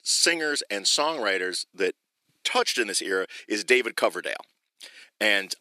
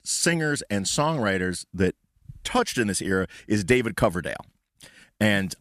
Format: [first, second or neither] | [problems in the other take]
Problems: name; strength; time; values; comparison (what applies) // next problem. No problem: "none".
second | thin; somewhat; fading below 350 Hz